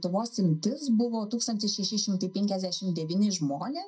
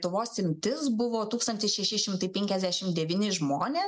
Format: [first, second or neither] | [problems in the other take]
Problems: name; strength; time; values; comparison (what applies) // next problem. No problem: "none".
second | noise reduction (neural mask model DeepFilterNet 3)